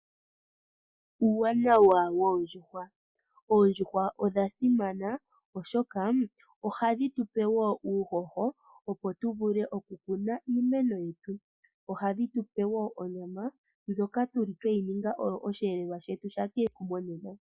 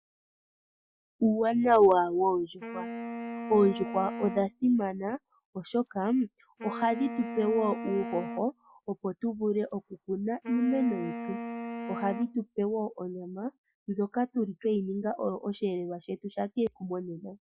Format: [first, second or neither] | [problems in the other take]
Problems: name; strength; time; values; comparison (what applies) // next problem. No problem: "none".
first | background sound (Wind instrument, woodwind instrument); 10 dB below the speech